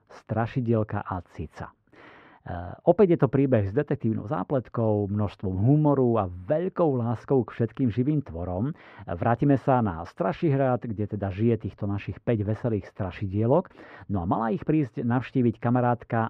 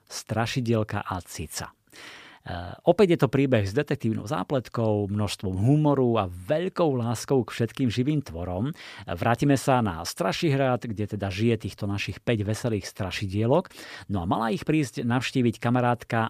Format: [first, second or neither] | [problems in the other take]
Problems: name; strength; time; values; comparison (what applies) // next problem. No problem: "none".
second | muffled; very; fading above 3.5 kHz